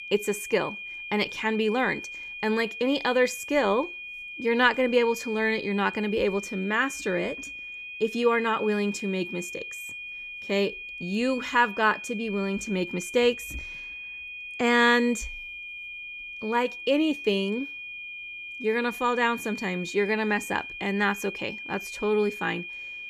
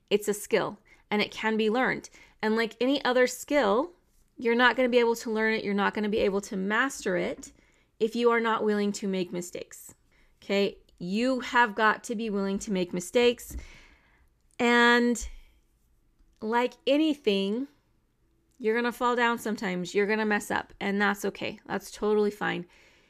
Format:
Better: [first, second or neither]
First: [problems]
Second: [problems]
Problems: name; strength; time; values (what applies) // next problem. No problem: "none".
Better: second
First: high-pitched whine; loud; throughout; 2.5 kHz, 10 dB below the speech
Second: none